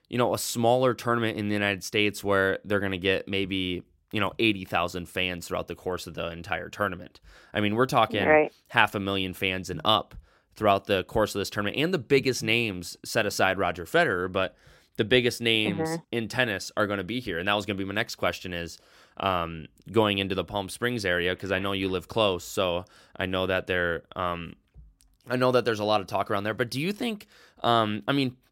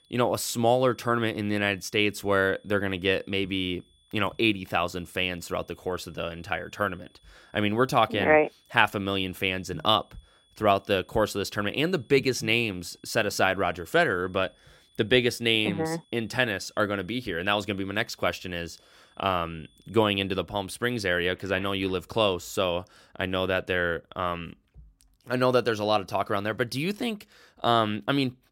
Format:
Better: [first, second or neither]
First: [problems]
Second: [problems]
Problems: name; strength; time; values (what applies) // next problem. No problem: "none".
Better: first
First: none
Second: high-pitched whine; faint; until 20 s; 3.5 kHz, 35 dB below the speech